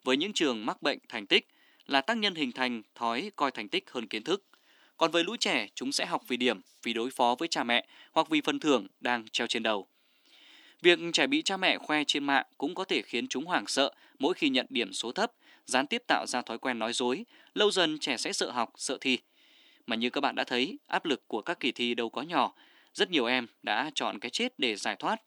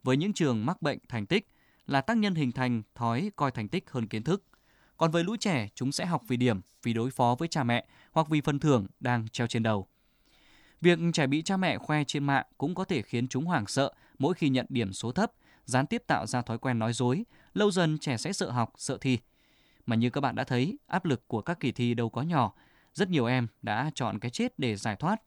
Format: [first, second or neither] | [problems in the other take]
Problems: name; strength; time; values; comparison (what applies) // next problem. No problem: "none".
second | thin; very slightly; fading below 300 Hz